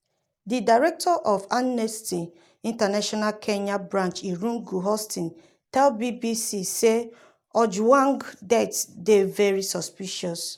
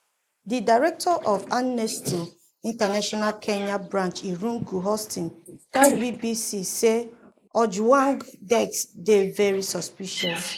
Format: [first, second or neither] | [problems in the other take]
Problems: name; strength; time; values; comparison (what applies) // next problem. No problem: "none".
first | noise reduction (neural mask model Resemble Enhance denoiser)